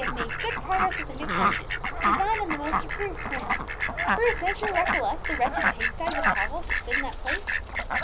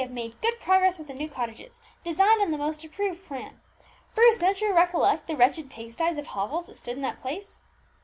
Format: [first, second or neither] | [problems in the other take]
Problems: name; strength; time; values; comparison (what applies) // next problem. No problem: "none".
second | background sound (Fowl); 4 dB above the speech